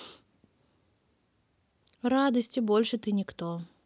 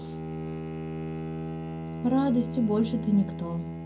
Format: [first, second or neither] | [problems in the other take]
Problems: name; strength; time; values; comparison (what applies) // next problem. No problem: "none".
first | background sound (Bowed string instrument); 5 dB below the speech // room echo; dies away in 0.3 s